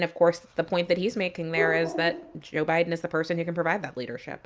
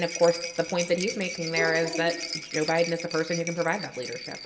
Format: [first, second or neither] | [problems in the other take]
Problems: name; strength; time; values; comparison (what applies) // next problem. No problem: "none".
first | background sound (Rattle); 10 dB below the speech // room echo; dies away in 1.3 s